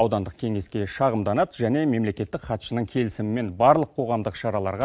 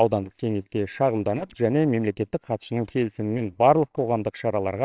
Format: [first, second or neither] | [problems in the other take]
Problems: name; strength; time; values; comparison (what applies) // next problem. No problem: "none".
first | noise reduction (neural separator model SepFormer WHAMR!)